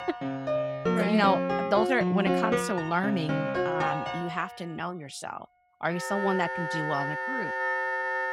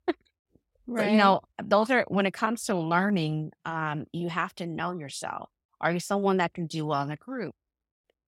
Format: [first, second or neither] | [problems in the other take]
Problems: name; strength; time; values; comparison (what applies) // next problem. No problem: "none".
second | background music; very loud; throughout; as loud as the speech